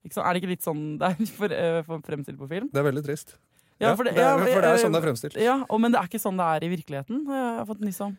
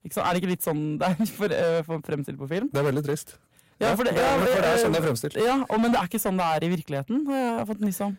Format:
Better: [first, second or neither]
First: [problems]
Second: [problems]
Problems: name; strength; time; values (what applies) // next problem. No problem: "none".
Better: first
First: none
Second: distortion; heavy; 14% of the sound clipped